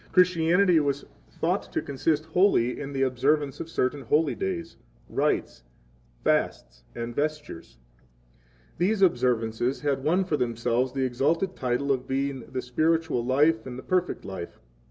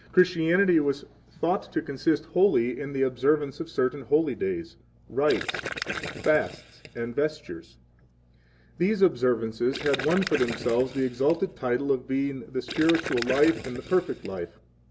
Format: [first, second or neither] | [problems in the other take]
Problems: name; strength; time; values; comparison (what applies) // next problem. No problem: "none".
first | background sound (Gurgling); 10 dB below the speech